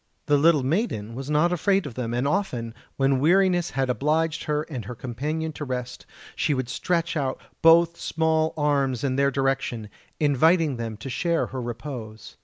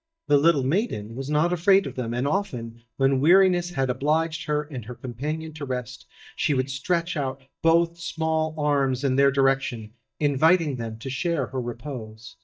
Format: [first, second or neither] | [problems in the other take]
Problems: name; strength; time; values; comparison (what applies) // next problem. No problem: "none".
first | noise reduction (neural mask model DeepFilterNet 3)